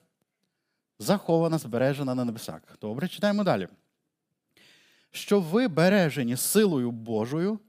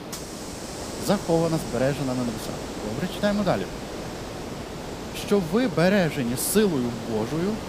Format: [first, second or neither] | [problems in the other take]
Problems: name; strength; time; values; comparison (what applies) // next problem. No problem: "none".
first | hiss; loud; throughout; 9 dB below the speech